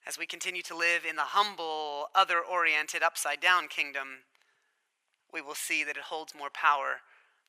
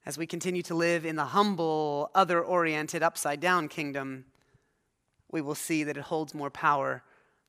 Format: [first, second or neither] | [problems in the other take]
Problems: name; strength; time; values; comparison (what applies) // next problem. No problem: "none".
second | thin; very; fading below 800 Hz